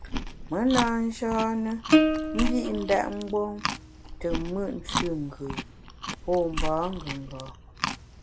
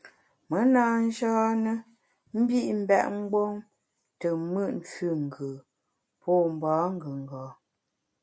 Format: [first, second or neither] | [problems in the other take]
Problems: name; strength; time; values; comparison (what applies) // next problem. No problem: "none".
second | background sound (Plucked string instrument + Chewing, mastication); 1 dB below the speech